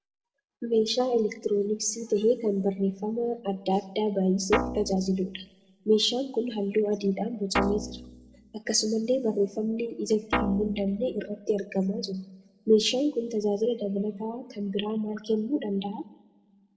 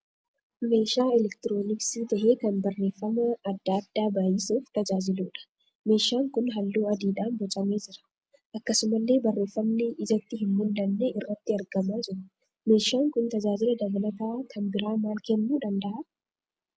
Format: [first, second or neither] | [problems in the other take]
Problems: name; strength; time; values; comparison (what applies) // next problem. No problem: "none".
second | background sound (Guitar); 5 dB below the speech // room echo; dies away in 0.5 s